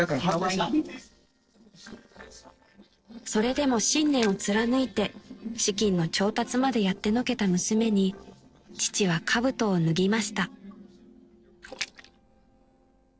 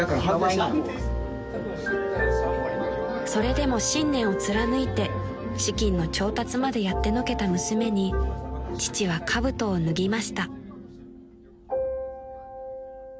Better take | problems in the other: second | noise reduction (neural separator model SepFormer DNS4)

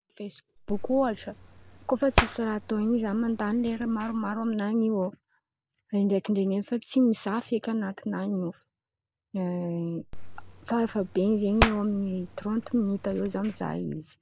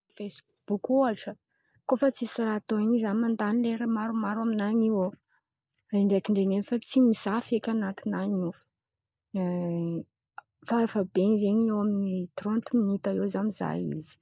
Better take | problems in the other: second | background sound (Hands); 6 dB below the speech

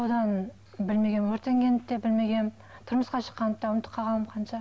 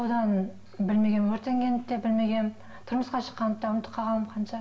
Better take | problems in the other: first | room echo; dies away in 0.6 s

